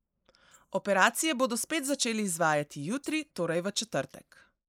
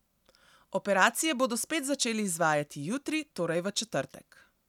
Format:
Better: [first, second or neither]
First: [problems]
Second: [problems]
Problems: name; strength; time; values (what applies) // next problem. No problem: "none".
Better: second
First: noise reduction (neural mask model Resemble Enhance denoiser)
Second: none